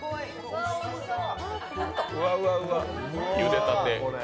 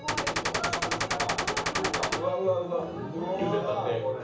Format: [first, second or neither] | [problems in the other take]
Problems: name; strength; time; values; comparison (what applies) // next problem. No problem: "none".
first | background sound (Gunshot, gunfire); 1 dB above the speech // room echo; dies away in 0.8 s